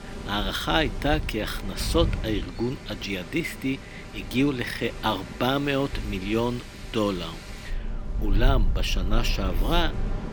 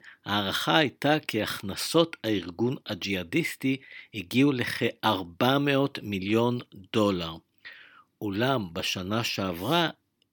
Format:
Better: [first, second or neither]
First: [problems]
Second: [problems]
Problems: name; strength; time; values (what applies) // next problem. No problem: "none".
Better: second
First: wind in the background; loud; throughout; 6 dB below the speech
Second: none